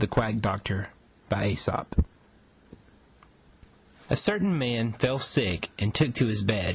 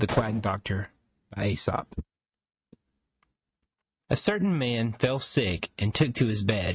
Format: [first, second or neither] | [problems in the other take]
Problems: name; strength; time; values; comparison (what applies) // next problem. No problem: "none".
first | noise reduction (neural mask model RNNoise)